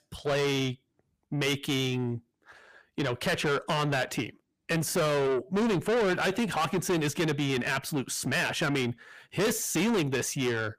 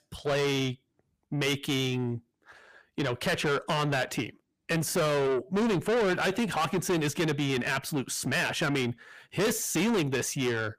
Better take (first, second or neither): neither